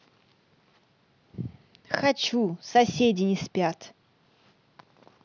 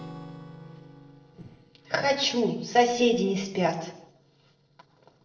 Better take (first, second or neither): first